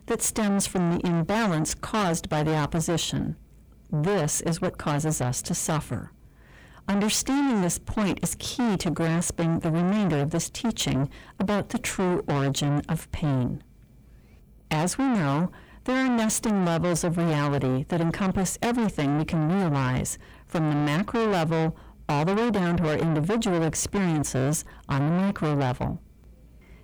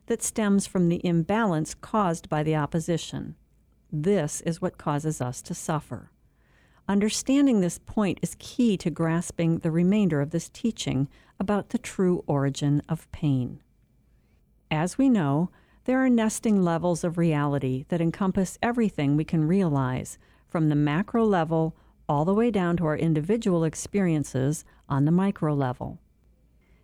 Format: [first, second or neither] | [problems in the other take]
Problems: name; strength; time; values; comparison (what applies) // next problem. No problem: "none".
second | distortion; heavy; 5 dB below the speech